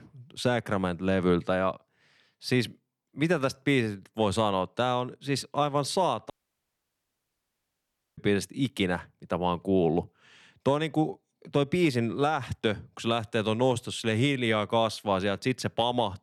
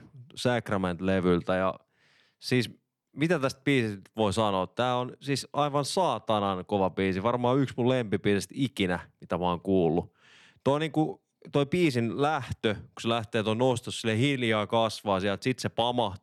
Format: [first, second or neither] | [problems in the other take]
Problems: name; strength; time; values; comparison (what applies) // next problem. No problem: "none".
second | audio cutting out; at 6.5 s for 2 s